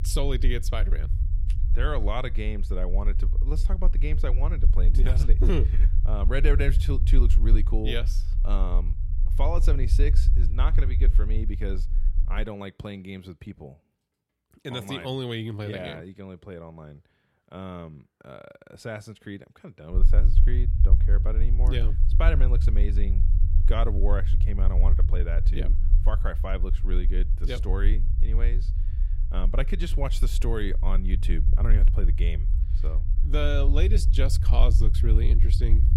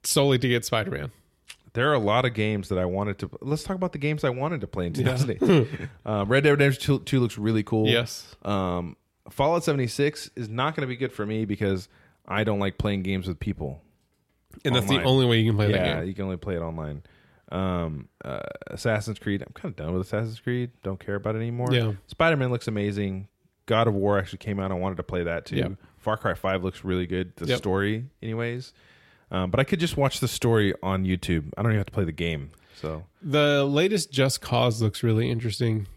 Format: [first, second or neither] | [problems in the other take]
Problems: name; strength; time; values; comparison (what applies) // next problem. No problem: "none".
second | low rumble; noticeable; until 12 s and from 20 s on; 10 dB below the speech